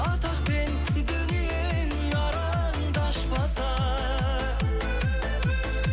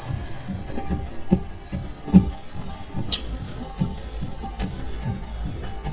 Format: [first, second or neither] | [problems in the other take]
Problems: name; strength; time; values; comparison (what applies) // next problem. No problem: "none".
first | noise reduction (neural mask model DeepFilterNet 3)